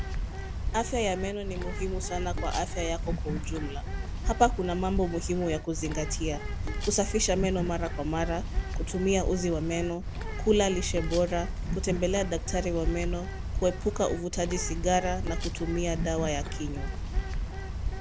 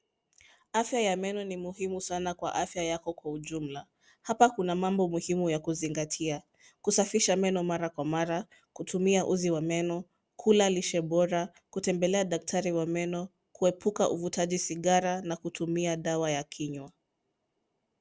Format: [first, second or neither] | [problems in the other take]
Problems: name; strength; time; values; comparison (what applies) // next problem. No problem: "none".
second | background sound (Bird); 2 dB below the speech